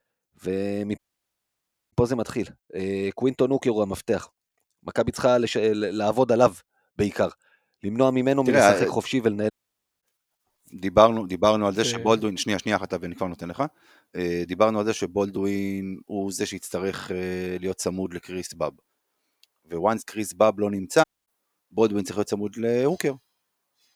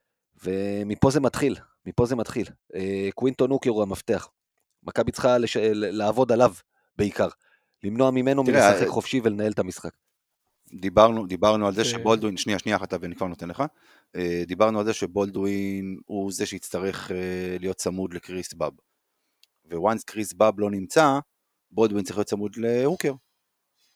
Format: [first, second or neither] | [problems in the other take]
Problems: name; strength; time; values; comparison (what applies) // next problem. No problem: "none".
second | audio cutting out; at 1 s for 1 s, at 9.5 s for 0.5 s and at 21 s